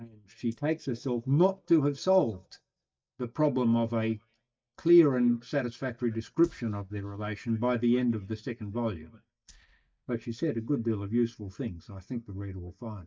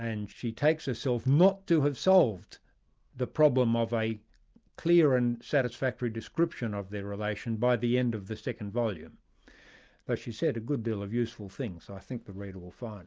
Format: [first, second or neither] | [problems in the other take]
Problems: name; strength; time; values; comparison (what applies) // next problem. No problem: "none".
second | noise reduction (neural mask model DeepFilterNet 3)